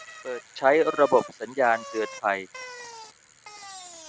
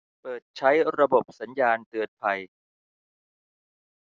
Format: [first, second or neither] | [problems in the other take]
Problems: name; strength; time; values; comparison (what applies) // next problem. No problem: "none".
second | background sound (Bicycle); 16 dB below the speech